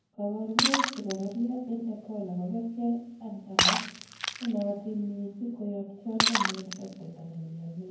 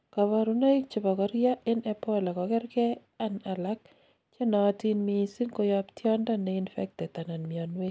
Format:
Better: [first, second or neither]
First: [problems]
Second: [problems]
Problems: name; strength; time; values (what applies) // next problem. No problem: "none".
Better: second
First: background sound (Shatter); as loud as the speech // room echo; dies away in 0.9 s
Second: none